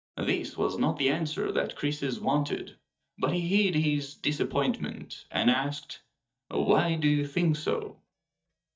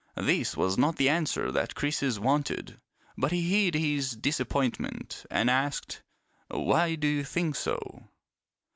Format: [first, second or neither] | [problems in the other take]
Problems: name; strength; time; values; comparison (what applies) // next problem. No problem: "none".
second | noise reduction (neural mask model DeepFilterNet 3)